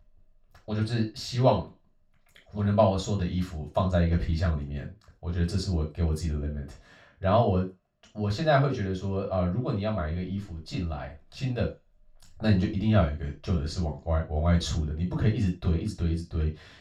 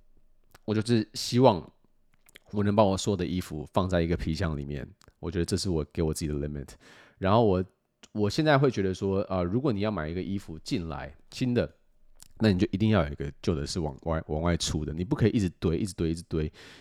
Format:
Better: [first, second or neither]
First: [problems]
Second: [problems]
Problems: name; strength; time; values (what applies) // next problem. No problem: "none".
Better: second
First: room echo; slight; dies away in 0.2 s // off-mic speech; far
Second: none